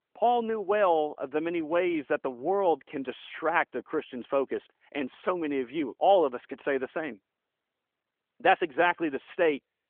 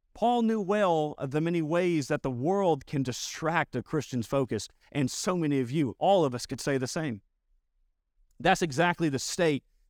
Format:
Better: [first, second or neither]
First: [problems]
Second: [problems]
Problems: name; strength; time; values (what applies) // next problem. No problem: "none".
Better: second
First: phone-call audio; nothing above 3.5 kHz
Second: none